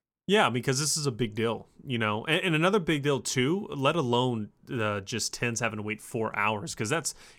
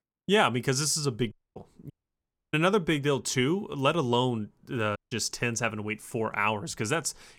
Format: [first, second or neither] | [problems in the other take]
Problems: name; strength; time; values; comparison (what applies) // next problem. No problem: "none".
first | audio cutting out; at 1.5 s, at 2 s for 0.5 s and at 5 s